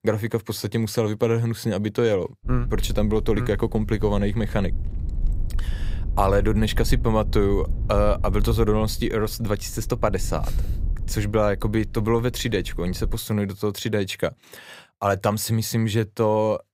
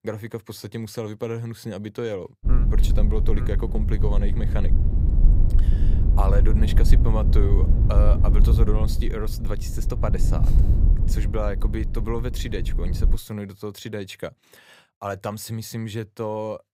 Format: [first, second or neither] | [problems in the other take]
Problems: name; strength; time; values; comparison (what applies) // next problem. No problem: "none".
first | low rumble; loud; from 2.5 to 13 s; 6 dB below the speech; faint in the first